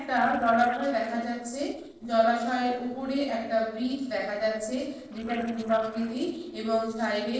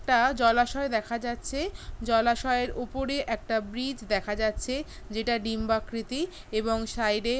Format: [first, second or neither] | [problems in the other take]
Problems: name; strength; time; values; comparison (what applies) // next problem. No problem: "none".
second | noise reduction (neural separator model SepFormer DNS4)